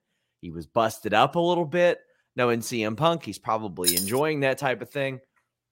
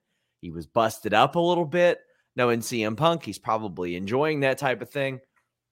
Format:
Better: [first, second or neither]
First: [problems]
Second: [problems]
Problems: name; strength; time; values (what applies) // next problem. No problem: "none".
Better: second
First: jangling keys; loud; at 4 s; peak 2 dB above the speech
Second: none